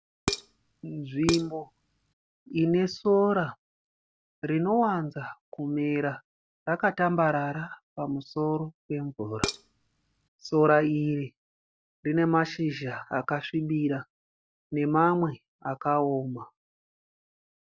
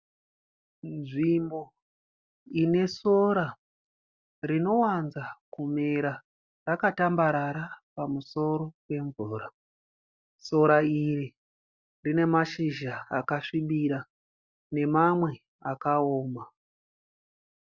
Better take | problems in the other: second | background sound (Dishes, pots, and pans); 7 dB below the speech

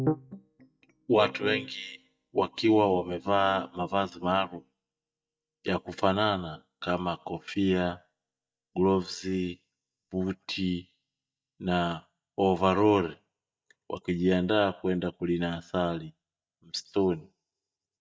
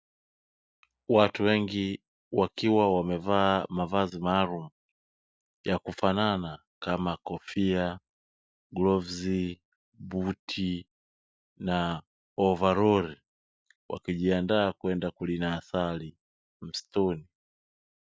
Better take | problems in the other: second | noise reduction (neural mask model DeepFilterNet 3)

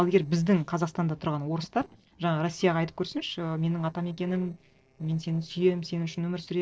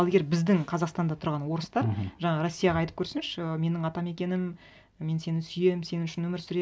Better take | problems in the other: second | noise reduction (neural separator model SepFormer DNS4)

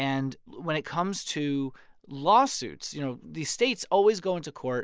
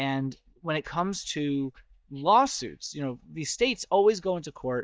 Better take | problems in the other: first | noise reduction (neural mask model DeepFilterNet 3)

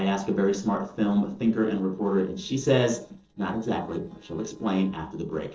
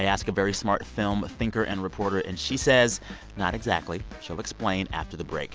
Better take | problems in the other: second | noise reduction (neural separator model SepFormer DNS4)

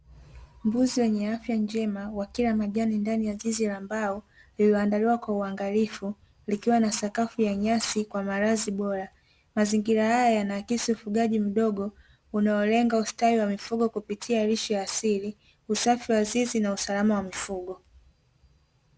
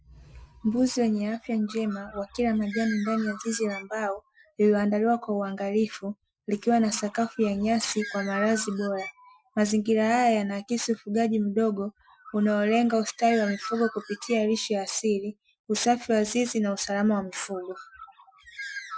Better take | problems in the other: first | noise reduction (classical method Wiener filter)

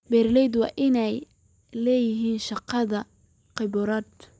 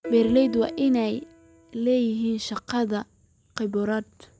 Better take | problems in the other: first | background sound (Piano); 14 dB below the speech

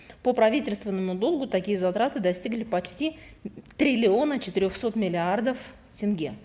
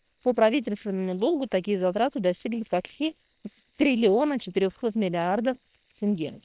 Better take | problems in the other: first | noise reduction (neural separator model SepFormer WHAM!)

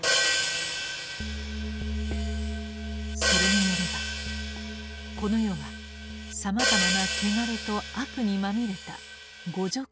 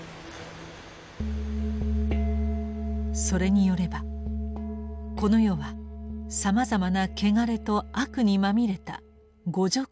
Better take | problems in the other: second | background sound (Hi-hat); as loud as the speech

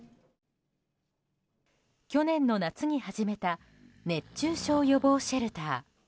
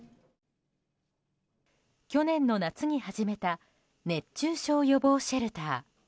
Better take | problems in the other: second | background sound (Breathing); 19 dB below the speech

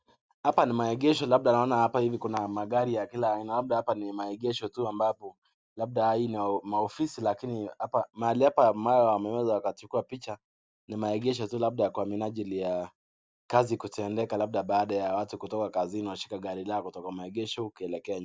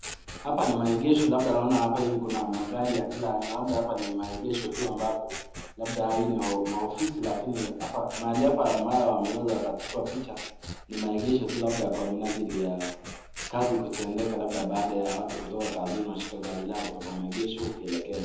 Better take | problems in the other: first | background sound (Scissors); 12 dB below the speech // room echo; dies away in 0.8 s

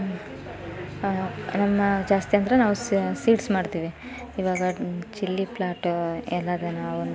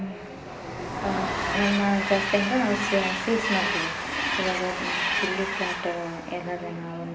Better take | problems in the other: first | background sound (Train); 1 dB below the speech // room echo; dies away in 0.5 s

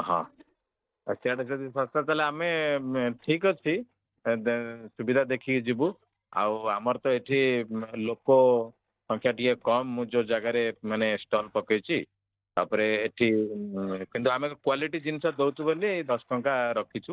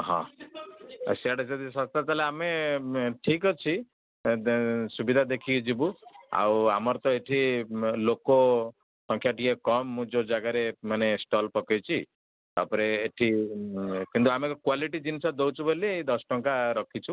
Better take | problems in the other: second | noise reduction (neural mask model DeepFilterNet 3)

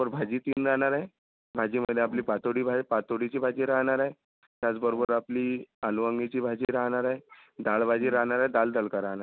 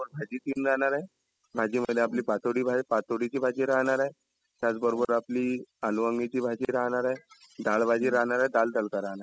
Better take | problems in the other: first | noise reduction (classical method spectral subtraction)

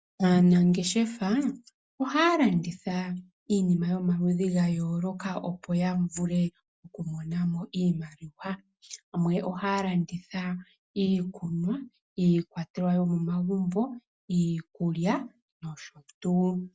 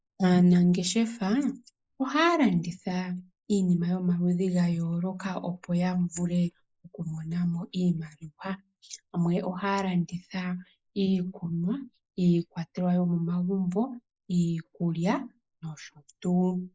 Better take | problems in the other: first | noise reduction (neural mask model Resemble Enhance denoiser)

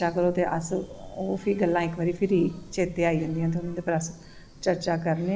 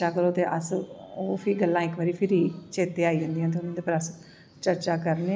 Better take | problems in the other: second | background sound (Wind); 19 dB below the speech

